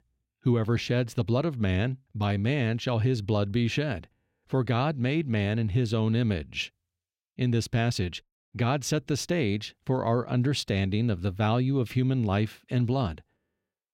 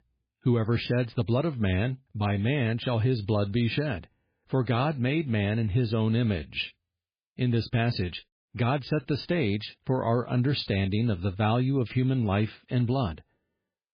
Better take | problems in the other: first | garbled, watery; badly

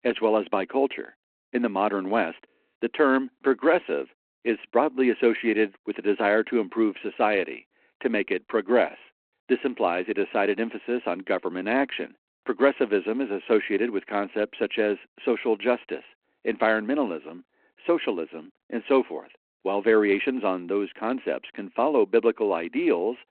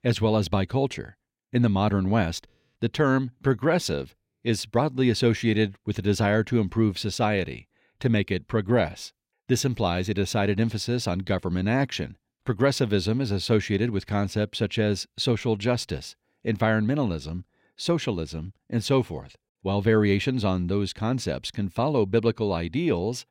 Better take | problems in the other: second | phone-call audio

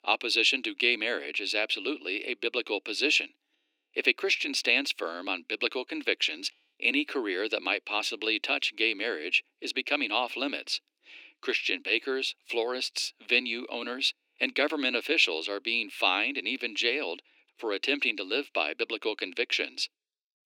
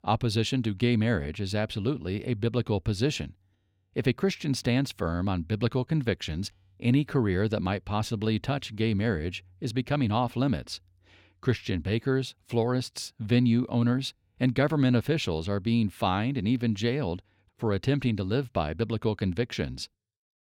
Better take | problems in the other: second | thin; somewhat; fading below 300 Hz

